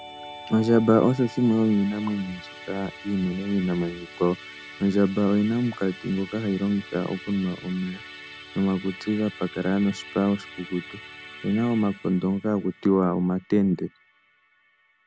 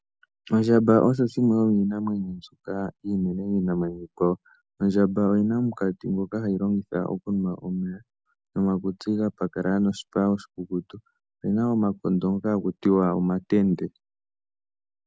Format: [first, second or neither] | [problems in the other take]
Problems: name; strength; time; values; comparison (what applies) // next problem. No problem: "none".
second | background sound (Musical instrument); 18 dB below the speech